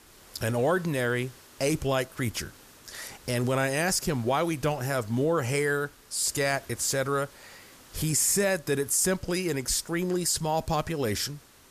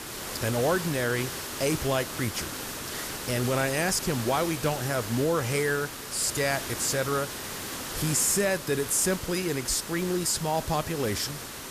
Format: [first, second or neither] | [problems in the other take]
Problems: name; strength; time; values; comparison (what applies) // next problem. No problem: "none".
first | hiss; loud; throughout; 7 dB below the speech; faint in the first